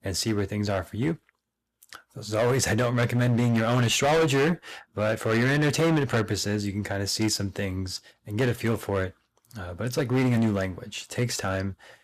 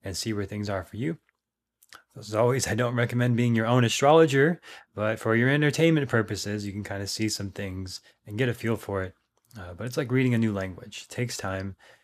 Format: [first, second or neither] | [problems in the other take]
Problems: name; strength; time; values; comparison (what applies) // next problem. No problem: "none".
second | distortion; heavy; 10% of the sound clipped